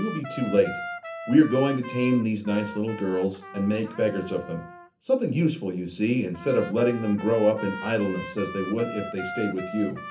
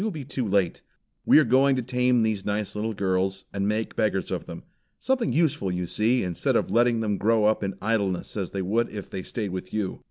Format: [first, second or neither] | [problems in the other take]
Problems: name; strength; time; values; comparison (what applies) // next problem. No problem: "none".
second | background sound (Trumpet); 13 dB below the speech // room echo; dies away in 0.3 s